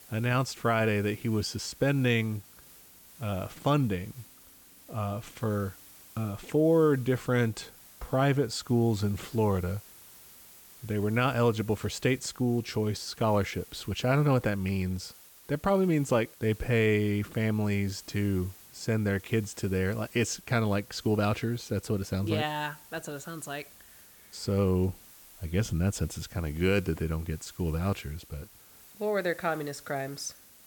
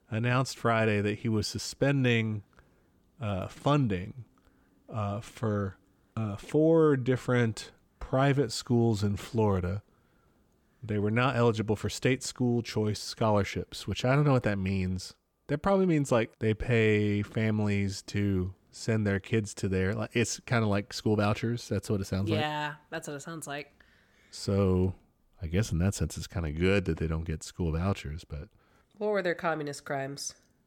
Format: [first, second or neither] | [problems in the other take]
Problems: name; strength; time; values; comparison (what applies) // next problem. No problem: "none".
second | hiss; faint; throughout; 20 dB below the speech